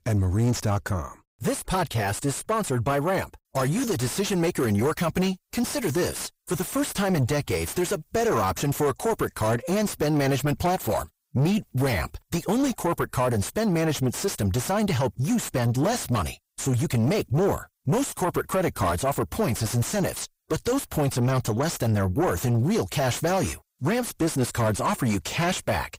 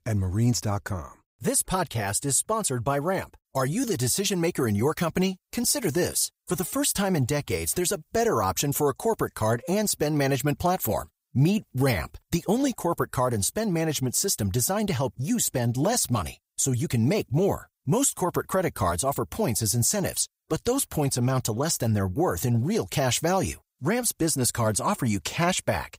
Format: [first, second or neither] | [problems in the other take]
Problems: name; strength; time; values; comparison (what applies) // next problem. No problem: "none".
second | distortion; heavy; 7 dB below the speech